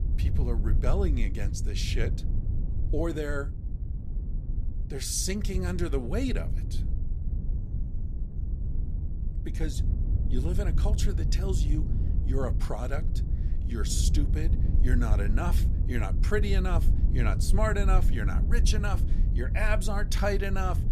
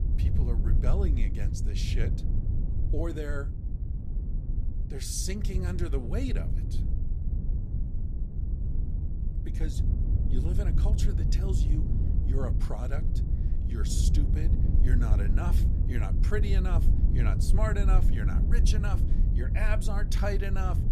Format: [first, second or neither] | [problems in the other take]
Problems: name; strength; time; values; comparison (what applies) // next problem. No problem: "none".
first | wind noise on the microphone; heavy; 6 dB below the speech; occasional gusts in the first